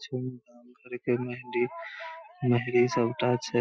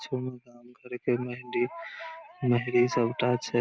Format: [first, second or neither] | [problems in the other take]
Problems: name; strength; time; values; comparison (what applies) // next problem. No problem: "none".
second | noise reduction (classical method Wiener filter)